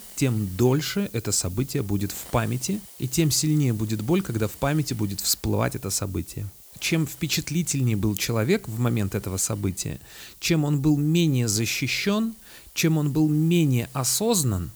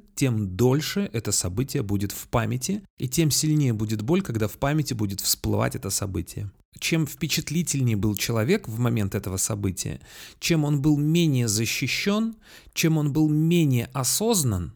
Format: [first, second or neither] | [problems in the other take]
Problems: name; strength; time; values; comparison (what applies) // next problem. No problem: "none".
second | hiss; noticeable; throughout; 20 dB below the speech